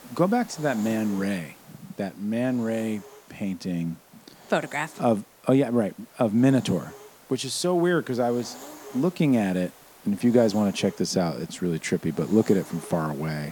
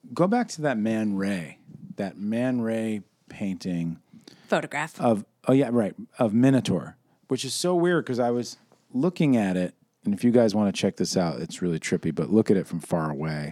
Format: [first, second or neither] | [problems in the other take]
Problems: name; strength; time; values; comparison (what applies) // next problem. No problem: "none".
second | hiss; faint; throughout; 20 dB below the speech